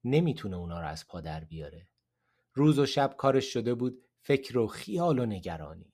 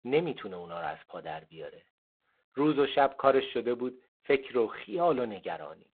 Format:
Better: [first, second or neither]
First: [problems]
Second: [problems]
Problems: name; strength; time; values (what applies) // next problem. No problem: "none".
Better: first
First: none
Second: phone-call audio; poor line